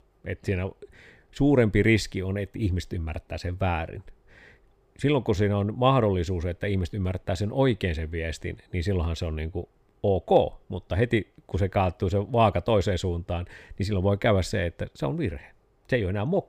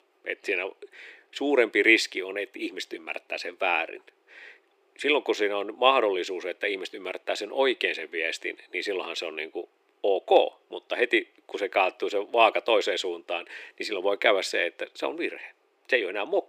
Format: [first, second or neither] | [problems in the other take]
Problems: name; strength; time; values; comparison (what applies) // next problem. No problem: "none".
first | thin; very; fading below 350 Hz